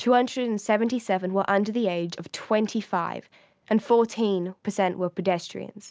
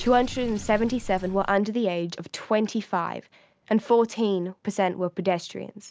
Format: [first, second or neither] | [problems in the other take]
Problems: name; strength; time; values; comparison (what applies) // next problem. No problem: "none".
first | background sound (Sink (filling or washing) / Water); 17 dB below the speech